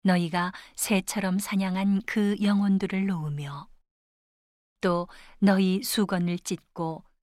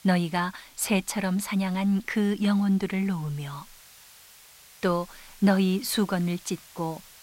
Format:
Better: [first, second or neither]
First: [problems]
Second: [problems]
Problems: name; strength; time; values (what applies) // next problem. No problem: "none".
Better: first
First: none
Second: hiss; faint; throughout; 25 dB below the speech